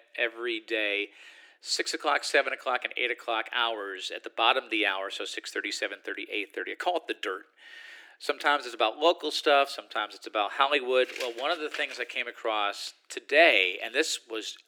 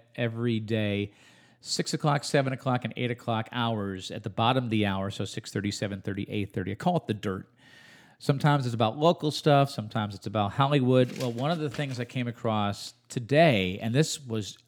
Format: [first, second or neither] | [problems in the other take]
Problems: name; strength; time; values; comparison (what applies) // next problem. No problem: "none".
second | thin; very; fading below 350 Hz